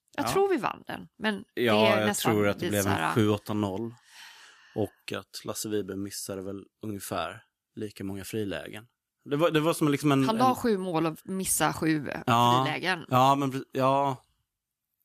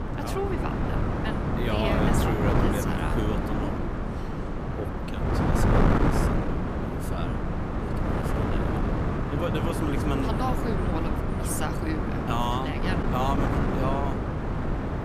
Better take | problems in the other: first | wind noise on the microphone; heavy; 2 dB above the speech

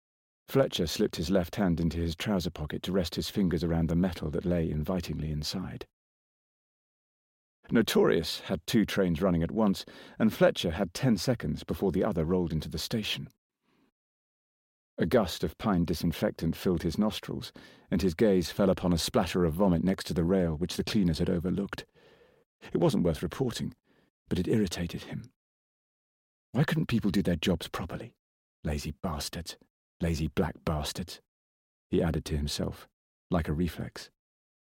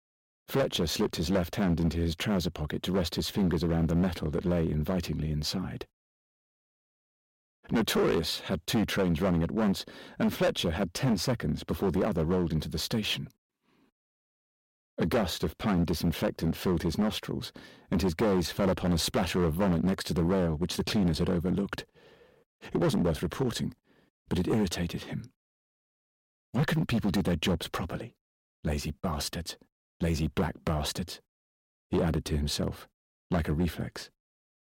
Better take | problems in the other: first | distortion; slight; 9% of the sound clipped

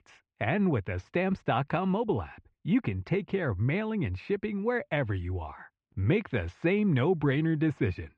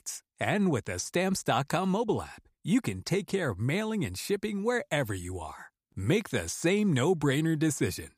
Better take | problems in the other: second | muffled; very; fading above 2.5 kHz

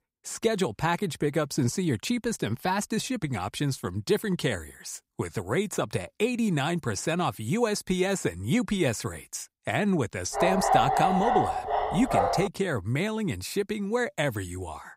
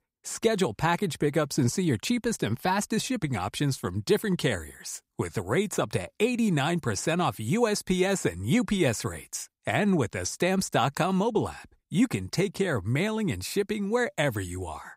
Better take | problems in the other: second | dog barking; loud; from 10 to 12 s; peak 5 dB above the speech

